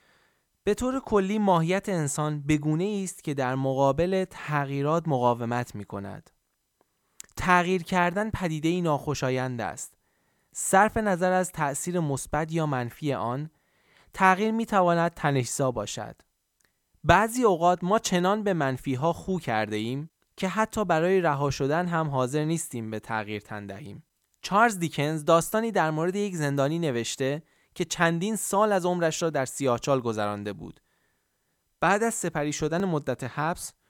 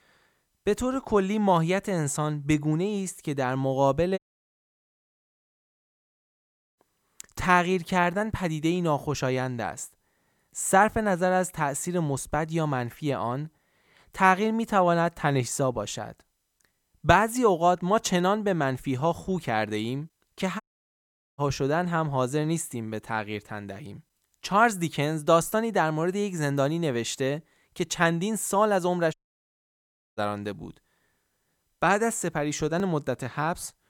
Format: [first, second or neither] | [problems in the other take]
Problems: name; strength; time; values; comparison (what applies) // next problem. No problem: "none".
first | audio cutting out; at 4 s for 2.5 s, at 21 s for 1 s and at 29 s for 1 s